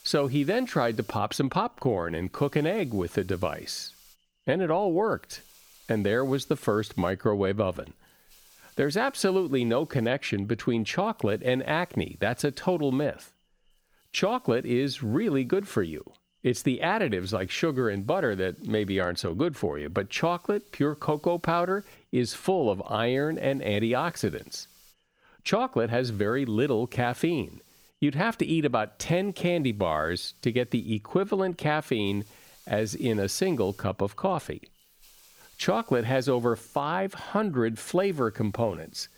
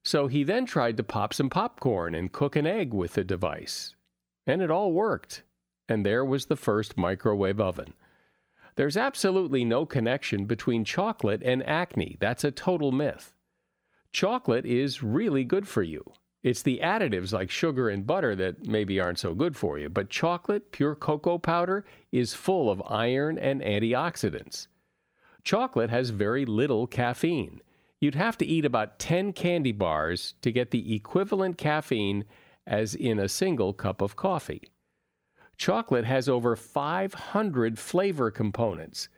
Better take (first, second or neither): second